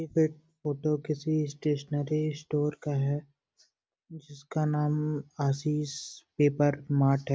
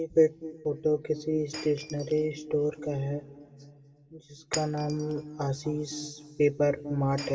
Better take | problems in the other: first | background sound (Shatter); 18 dB below the speech // room echo; dies away in 2.6 s

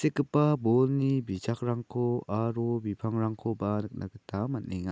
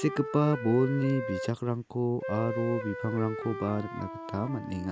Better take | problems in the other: first | background sound (Wind instrument, woodwind instrument); 8 dB below the speech

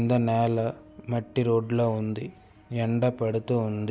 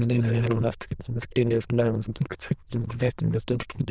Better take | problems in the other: first | noise reduction (neural diffusion model UNIVERSE++)

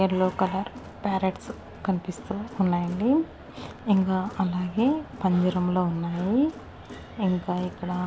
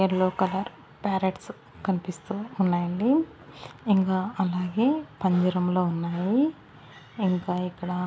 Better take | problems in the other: second | background sound (Crowd); 17 dB below the speech

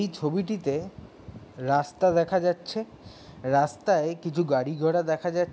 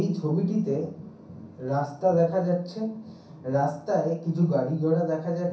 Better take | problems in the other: first | room echo; dies away in 0.6 s

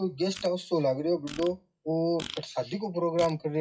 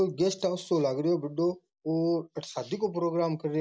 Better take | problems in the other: second | noise reduction (classical method WPE with log-MMSE)

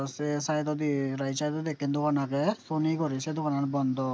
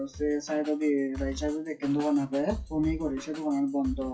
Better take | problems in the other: first | noise reduction (classical method WPE with log-MMSE)

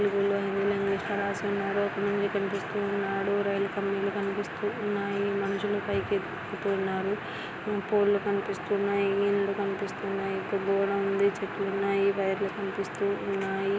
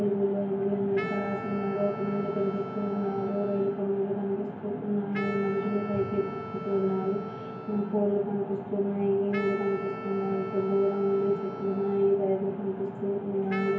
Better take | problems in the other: first | background sound (Wind instrument, woodwind instrument); 13 dB below the speech // room echo; dies away in 0.9 s

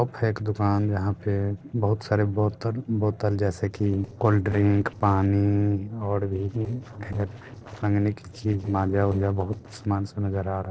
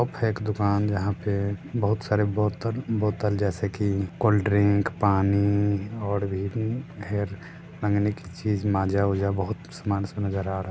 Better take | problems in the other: second | noise reduction (neural separator model SepFormer DNS4)

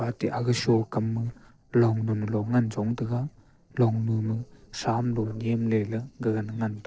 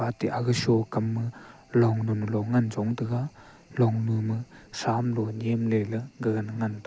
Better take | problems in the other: second | noise reduction (neural separator model SepFormer DNS4)

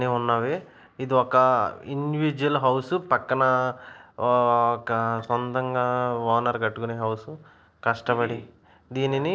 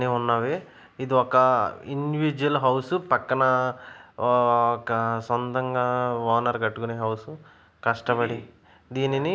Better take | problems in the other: second | noise reduction (neural separator model SepFormer DNS4)

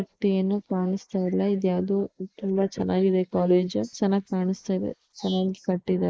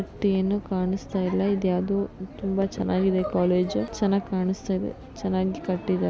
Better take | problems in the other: second | noise reduction (neural mask model Resemble Enhance denoiser)

